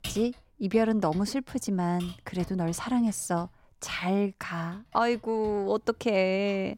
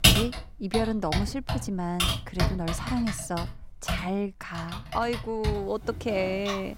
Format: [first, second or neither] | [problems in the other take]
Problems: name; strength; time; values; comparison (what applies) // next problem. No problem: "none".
first | household noises; loud; throughout; as loud as the speech; faint in the first